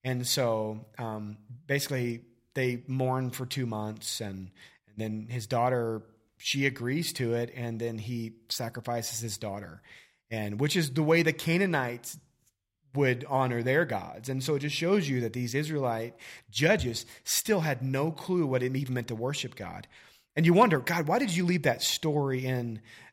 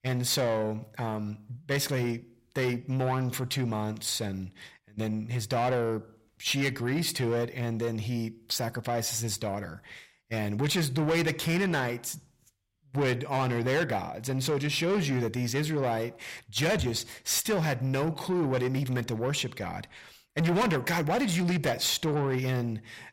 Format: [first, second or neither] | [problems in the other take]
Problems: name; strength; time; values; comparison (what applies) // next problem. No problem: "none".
first | distortion; heavy; 8 dB below the speech